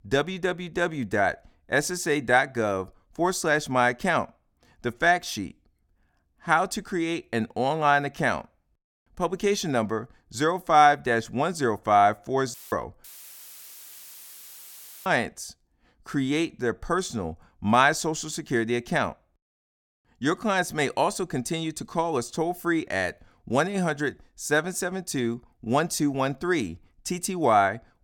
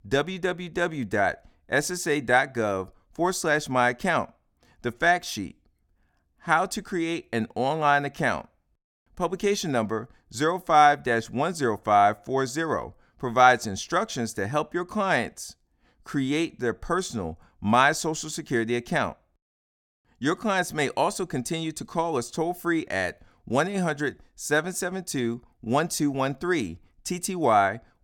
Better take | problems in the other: second | audio cutting out; filled with static; at 13 s for 2 s

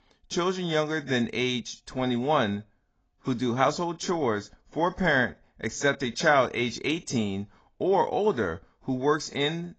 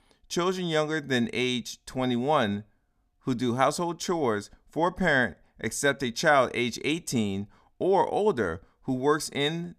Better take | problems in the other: second | garbled, watery; badly; nothing above 7.5 kHz

